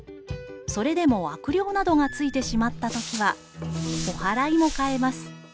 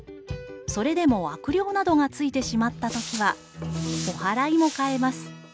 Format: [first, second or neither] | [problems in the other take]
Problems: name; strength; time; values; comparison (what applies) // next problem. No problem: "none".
second | background sound (Squeak / Screech); 12 dB below the speech